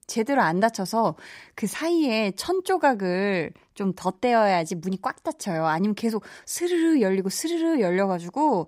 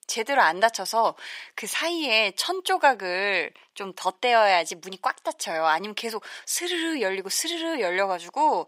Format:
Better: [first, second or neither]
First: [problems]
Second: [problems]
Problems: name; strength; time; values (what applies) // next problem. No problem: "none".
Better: first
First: none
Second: thin; very; fading below 600 Hz